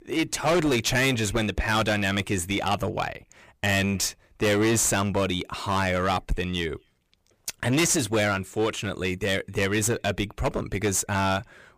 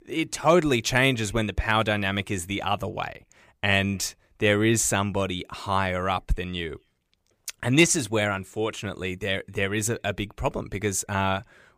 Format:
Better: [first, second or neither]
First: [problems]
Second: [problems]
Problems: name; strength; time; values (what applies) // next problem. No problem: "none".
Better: second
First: distortion; heavy; 13% of the sound clipped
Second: none